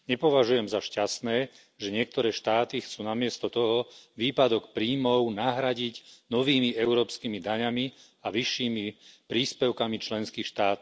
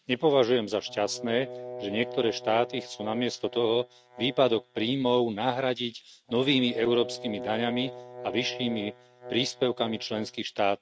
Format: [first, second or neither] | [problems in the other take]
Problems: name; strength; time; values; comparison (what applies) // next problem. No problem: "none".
first | noise reduction (neural mask model RNNoise)